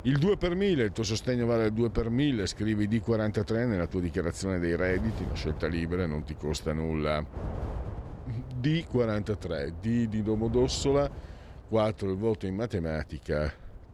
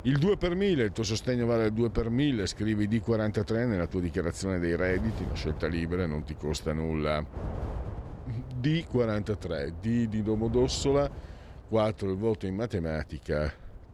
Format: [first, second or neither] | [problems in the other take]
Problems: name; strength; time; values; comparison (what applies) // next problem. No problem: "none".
neither | wind noise on the microphone; occasional gusts; 20 dB below the speech; the same in both